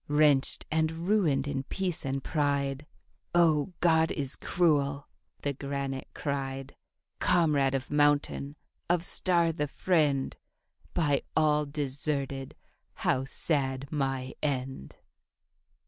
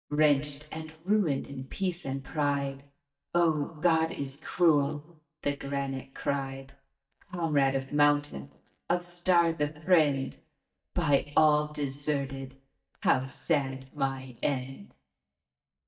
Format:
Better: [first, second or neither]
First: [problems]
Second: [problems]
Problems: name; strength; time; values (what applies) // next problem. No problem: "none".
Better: first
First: none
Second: noise reduction (neural mask model DeepFilterNet 3)